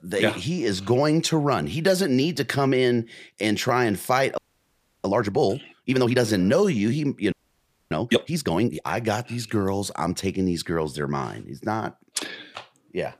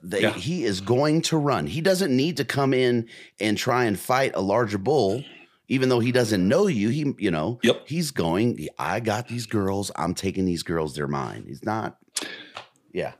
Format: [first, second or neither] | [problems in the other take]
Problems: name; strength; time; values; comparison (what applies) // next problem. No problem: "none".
second | audio freezing; at 4.5 s for 0.5 s and at 7.5 s for 0.5 s